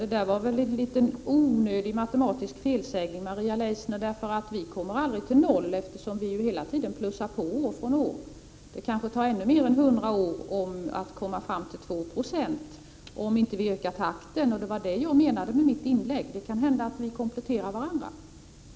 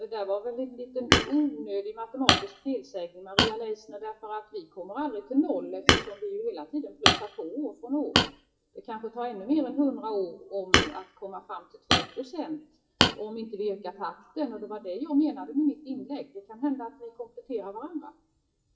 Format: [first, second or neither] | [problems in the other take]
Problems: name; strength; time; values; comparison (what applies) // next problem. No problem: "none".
first | noise reduction (classical method WPE with log-MMSE)